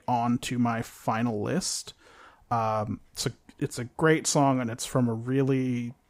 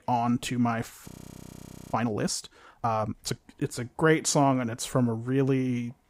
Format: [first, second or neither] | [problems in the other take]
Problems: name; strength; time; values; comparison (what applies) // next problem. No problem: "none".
first | audio freezing; at 1 s for 1 s